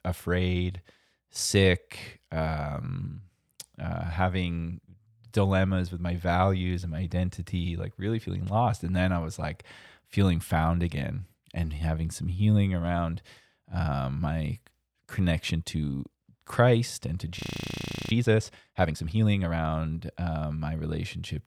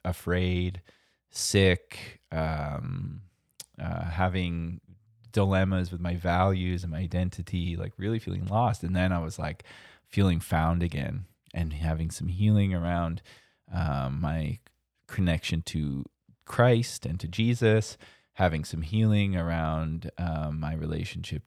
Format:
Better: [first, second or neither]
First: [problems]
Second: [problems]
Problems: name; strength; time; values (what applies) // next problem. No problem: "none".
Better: second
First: audio freezing; at 17 s for 0.5 s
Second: none